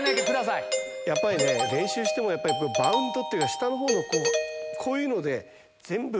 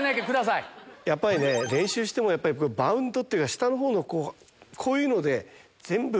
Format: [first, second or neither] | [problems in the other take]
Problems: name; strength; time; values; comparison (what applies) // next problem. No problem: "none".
second | background sound (Doorbell); 1 dB below the speech